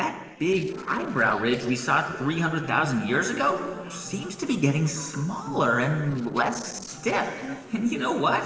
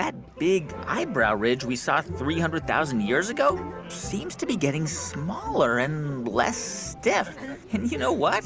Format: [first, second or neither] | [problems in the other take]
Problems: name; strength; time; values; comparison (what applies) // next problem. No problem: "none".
second | noise reduction (neural separator model SepFormer DNS4)